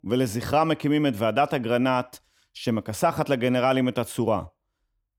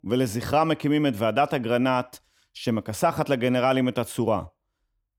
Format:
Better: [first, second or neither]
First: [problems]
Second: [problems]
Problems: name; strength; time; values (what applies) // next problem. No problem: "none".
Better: neither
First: none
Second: none